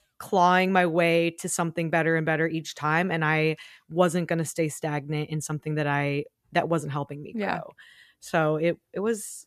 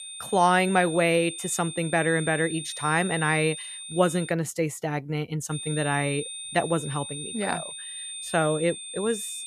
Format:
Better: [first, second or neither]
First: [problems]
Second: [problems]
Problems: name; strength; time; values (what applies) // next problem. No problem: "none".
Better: first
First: none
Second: high-pitched whine; loud; until 4.5 s and from 5.5 s on; 9 kHz, 9 dB below the speech